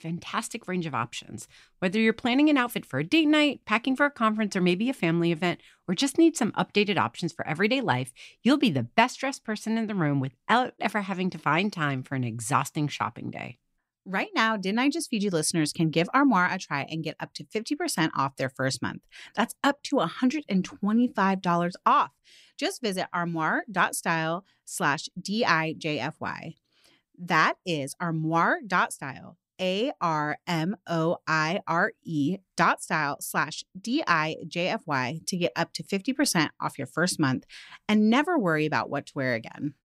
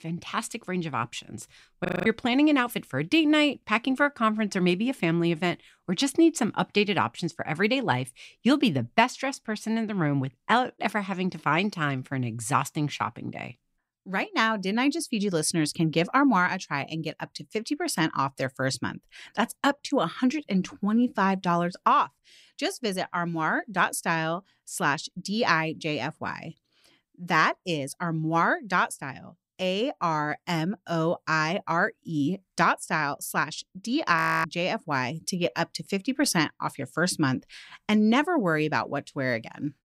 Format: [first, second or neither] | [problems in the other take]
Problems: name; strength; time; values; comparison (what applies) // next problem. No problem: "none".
first | audio freezing; at 2 s and at 34 s